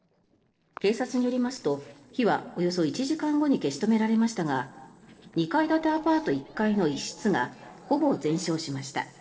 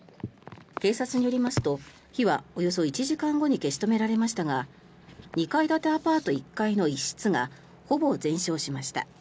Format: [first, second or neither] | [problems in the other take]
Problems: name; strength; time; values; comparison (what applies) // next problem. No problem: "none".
second | noise reduction (neural separator model SepFormer DNS4)